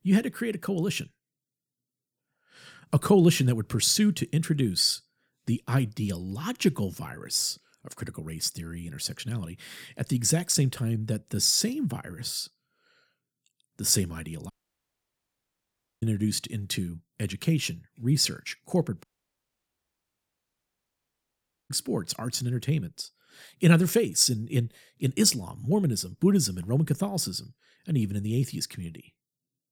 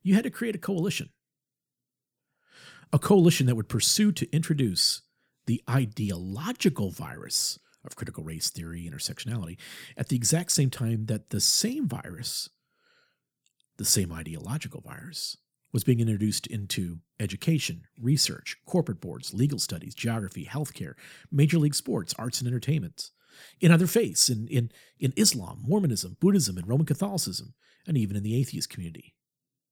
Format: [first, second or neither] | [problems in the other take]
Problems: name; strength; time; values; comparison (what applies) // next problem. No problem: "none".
second | audio cutting out; at 15 s for 1.5 s and at 19 s for 2.5 s